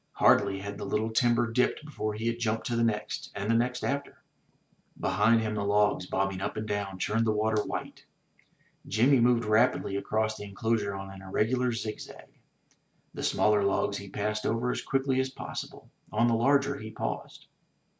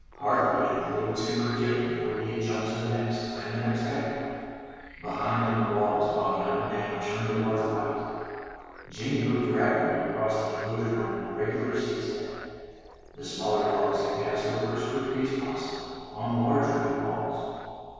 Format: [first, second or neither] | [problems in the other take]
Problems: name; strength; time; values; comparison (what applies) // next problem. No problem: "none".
first | background sound (Frog); 19 dB below the speech // room echo; dies away in 2.2 s